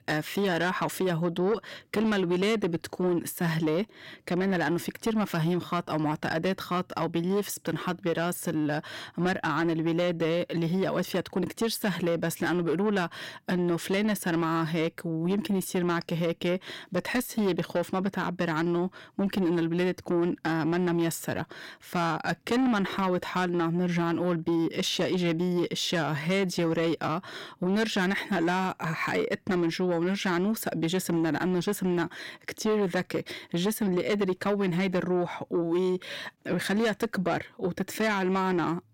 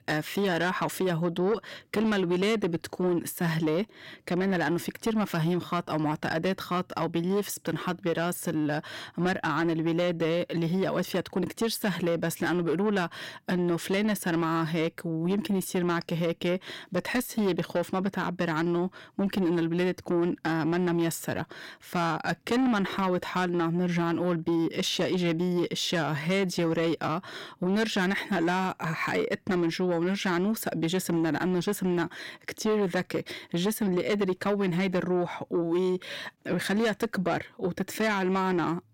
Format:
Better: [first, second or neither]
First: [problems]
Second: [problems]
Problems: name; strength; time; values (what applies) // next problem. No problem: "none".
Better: neither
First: distortion; slight; 10 dB below the speech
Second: distortion; slight; 10 dB below the speech